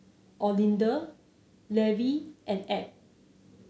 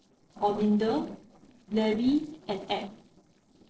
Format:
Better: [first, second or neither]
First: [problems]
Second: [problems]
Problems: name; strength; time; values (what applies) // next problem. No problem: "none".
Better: first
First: none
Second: noise reduction (neural separator model SepFormer DNS4)